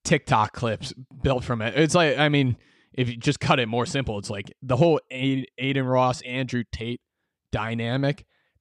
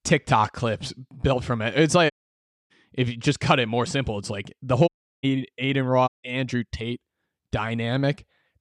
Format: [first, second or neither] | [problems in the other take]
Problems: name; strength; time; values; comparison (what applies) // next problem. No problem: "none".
first | audio cutting out; at 2 s for 0.5 s, at 5 s and at 6 s